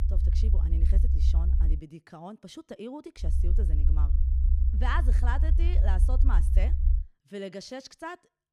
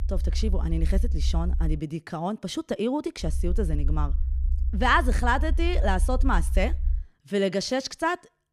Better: second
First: low rumble; loud; until 2 s and from 3 to 7 s; 6 dB below the speech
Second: low rumble; faint; until 2 s and from 3 to 7 s; 20 dB below the speech

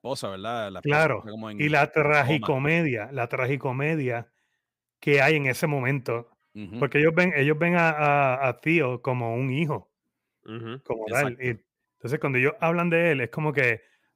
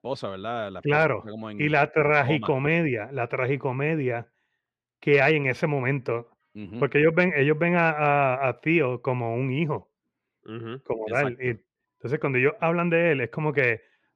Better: first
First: none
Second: muffled; very slightly; fading above 3.5 kHz

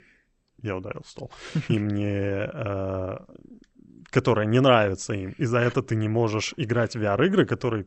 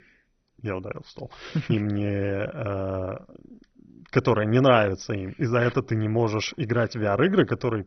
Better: first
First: garbled, watery; slightly; nothing above 8 kHz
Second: garbled, watery; badly; nothing above 6 kHz

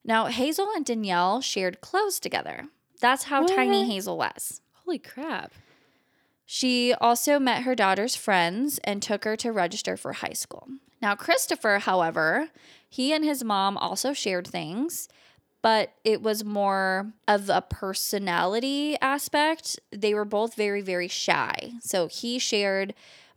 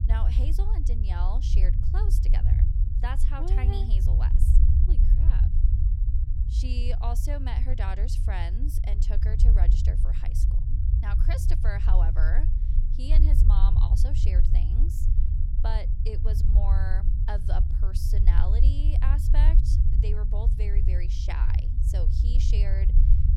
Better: first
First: none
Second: low rumble; loud; throughout; 3 dB below the speech

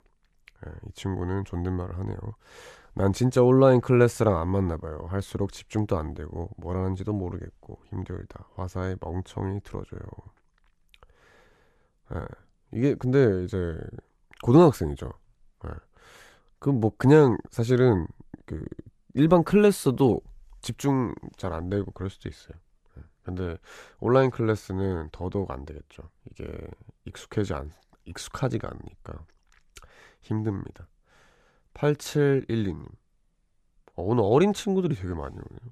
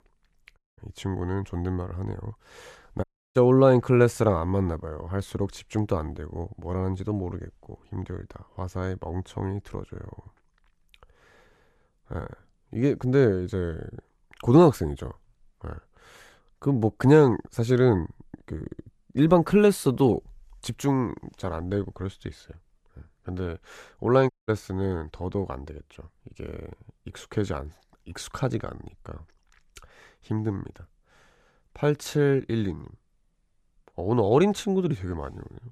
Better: first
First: none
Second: audio cutting out; at 0.5 s, at 3 s and at 24 s

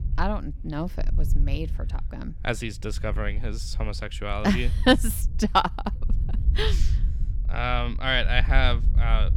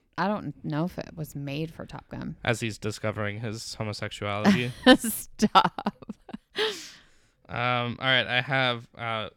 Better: second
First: low rumble; faint; throughout; 20 dB below the speech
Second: none

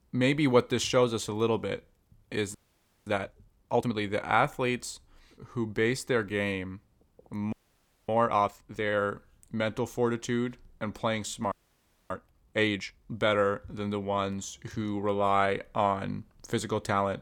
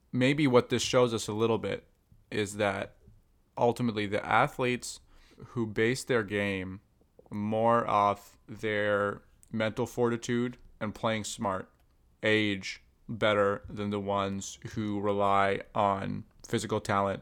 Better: second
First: audio freezing; at 2.5 s for 0.5 s, at 7.5 s for 0.5 s and at 12 s for 0.5 s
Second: none

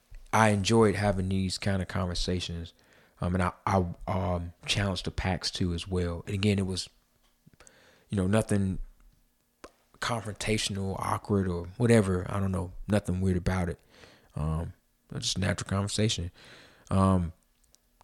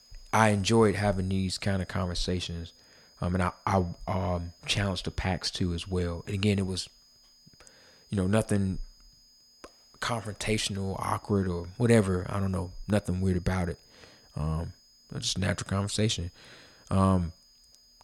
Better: first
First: none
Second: high-pitched whine; faint; throughout; 5 kHz, 30 dB below the speech

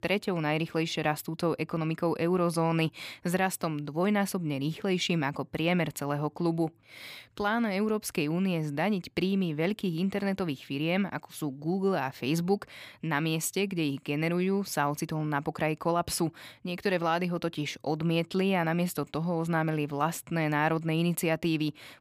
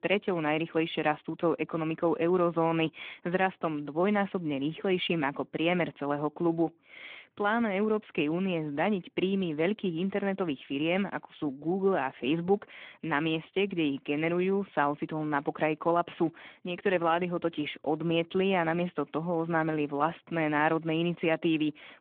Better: first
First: none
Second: phone-call audio

